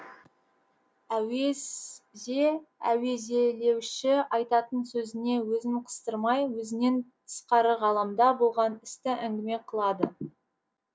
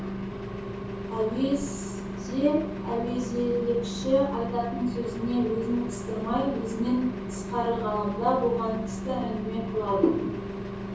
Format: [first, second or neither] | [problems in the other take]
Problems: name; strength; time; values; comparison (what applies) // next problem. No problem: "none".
first | background sound (Engine); 5 dB below the speech // room echo; dies away in 0.6 s